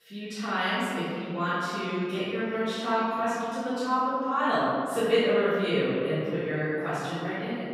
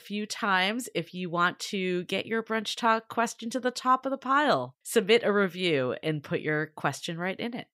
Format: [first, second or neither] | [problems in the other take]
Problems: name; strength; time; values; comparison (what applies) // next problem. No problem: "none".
second | off-mic speech; far // room echo; strong; dies away in 2.4 s